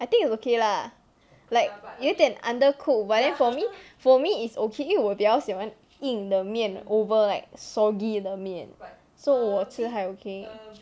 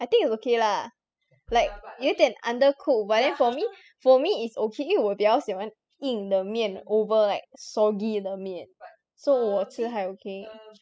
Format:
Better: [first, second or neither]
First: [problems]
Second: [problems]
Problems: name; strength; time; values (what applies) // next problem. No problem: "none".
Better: first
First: none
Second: noise reduction (classical method spectral subtraction)